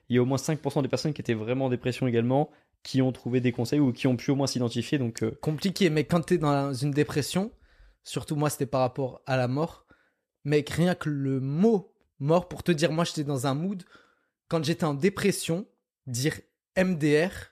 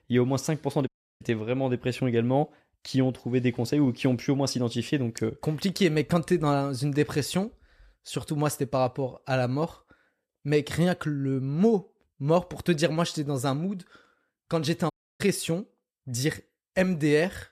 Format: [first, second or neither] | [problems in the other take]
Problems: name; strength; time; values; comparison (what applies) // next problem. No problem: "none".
first | audio cutting out; at 1 s and at 15 s